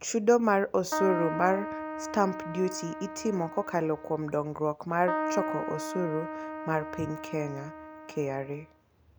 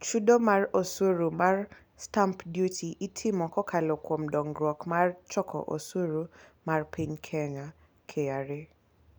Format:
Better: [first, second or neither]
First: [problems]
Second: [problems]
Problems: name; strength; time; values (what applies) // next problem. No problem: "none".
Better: second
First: background sound (Keyboard (musical)); 6 dB below the speech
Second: none